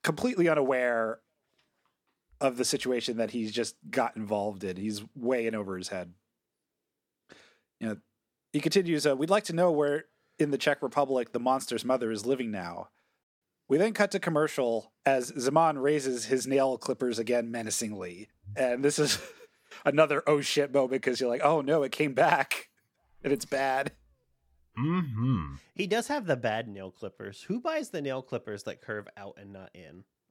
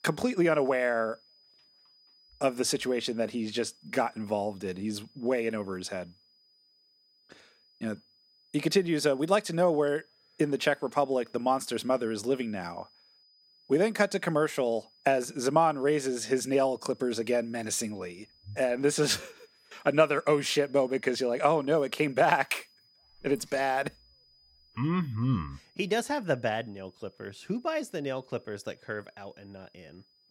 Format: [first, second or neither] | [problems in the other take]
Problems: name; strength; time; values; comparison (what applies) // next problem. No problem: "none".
first | high-pitched whine; faint; throughout; 5 kHz, 30 dB below the speech